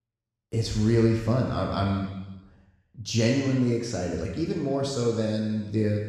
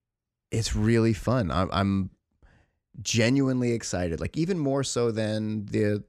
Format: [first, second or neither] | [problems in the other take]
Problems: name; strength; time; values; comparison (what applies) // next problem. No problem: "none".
second | room echo; noticeable; dies away in 1.1 s // off-mic speech; far